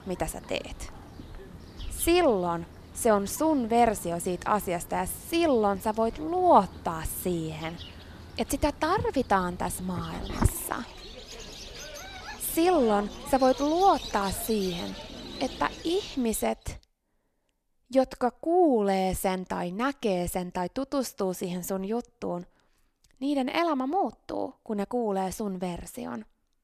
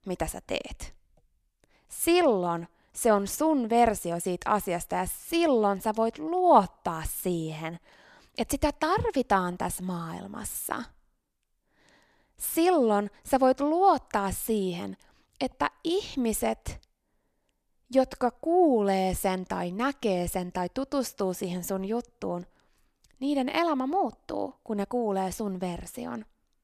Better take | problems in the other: second | animal sounds; noticeable; until 16 s; 15 dB below the speech

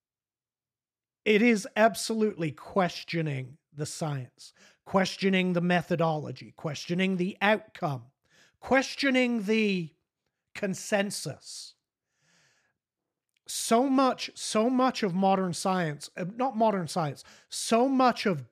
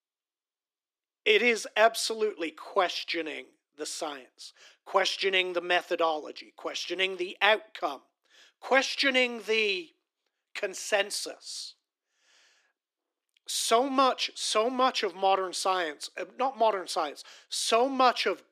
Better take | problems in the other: first | thin; somewhat; fading below 300 Hz

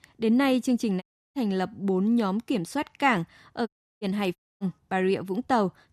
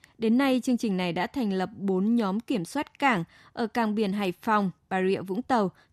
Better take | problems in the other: second | audio cutting out; at 1 s, at 3.5 s and at 4.5 s

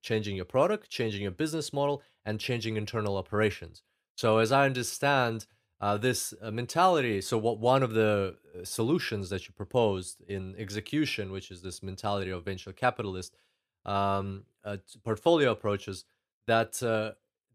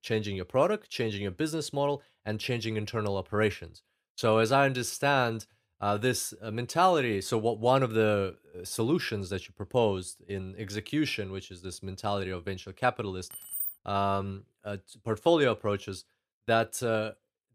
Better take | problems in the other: first | jangling keys; noticeable; at 13 s; peak 3 dB below the speech

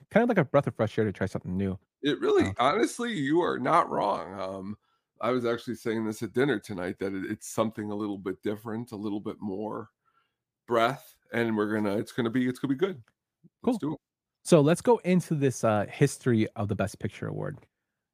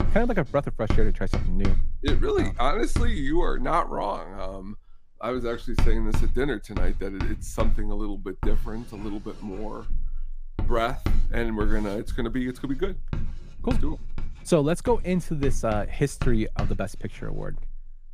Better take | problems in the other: first | household noises; loud; throughout; 4 dB below the speech

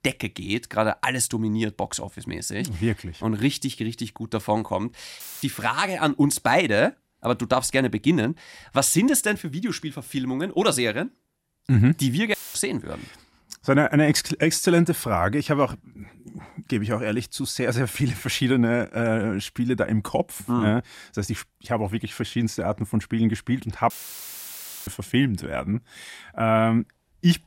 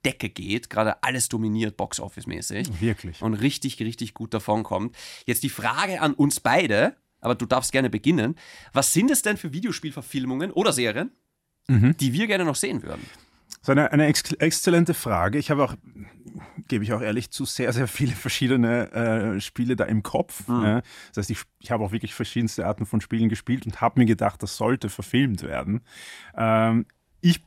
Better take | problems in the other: second | audio cutting out; filled with static; at 5 s, at 12 s and at 24 s for 1 s

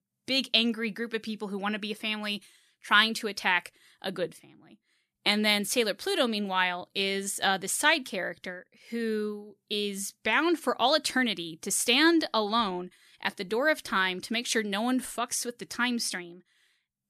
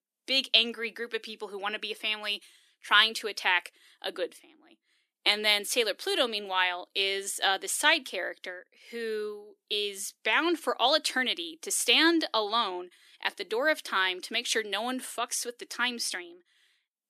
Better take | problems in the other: first | thin; somewhat; fading below 300 Hz

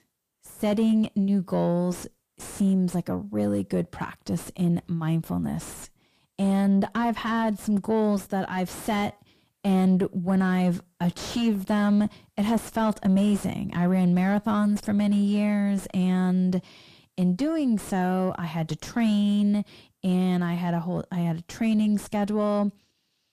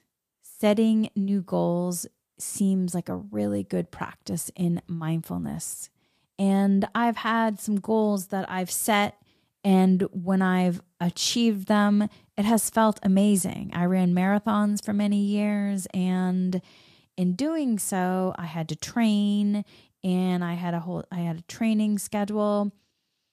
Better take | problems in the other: second | distortion; slight; 10 dB below the speech

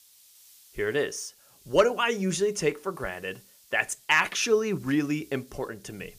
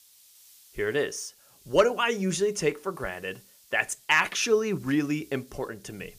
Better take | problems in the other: neither | hiss; faint; throughout; 25 dB below the speech; the same in both

